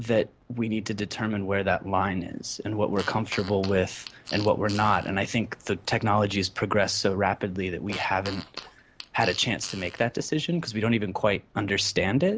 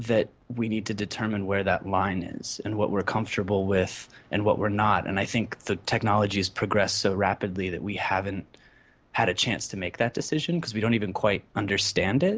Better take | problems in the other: second | background sound (Fart); 16 dB below the speech

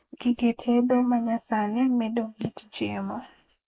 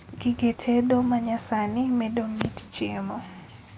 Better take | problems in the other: second | noise reduction (neural mask model Resemble Enhance denoiser)

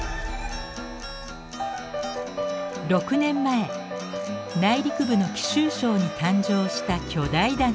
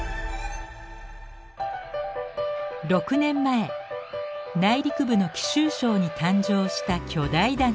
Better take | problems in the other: second | background sound (Acoustic guitar); 12 dB below the speech

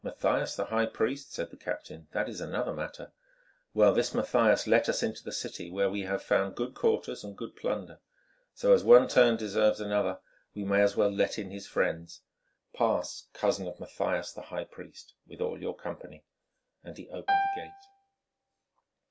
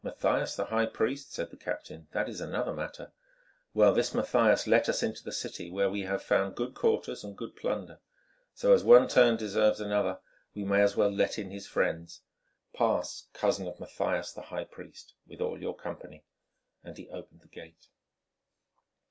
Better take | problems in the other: second | background sound (Piano); 3 dB below the speech

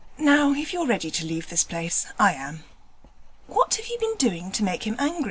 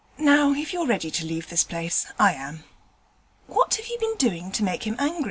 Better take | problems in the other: second | background sound (Writing); 19 dB below the speech

